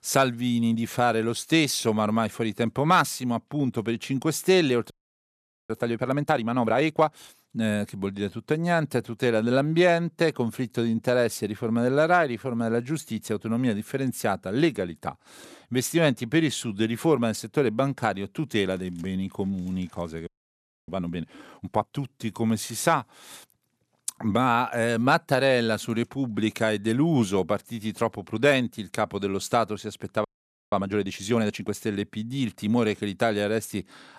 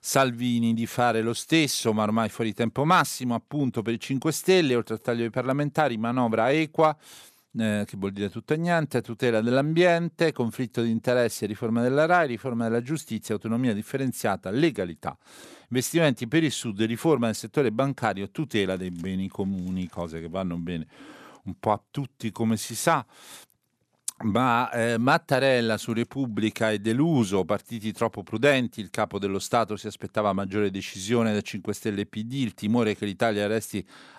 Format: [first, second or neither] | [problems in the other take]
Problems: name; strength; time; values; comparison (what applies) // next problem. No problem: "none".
second | audio freezing; at 5 s for 1 s, at 20 s for 0.5 s and at 30 s